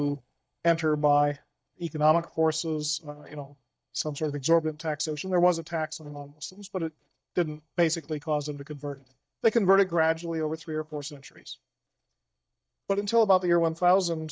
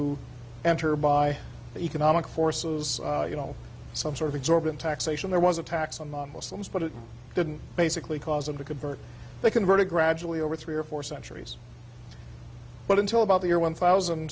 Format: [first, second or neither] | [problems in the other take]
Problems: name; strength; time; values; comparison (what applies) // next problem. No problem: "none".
second | noise reduction (neural mask model DeepFilterNet 3)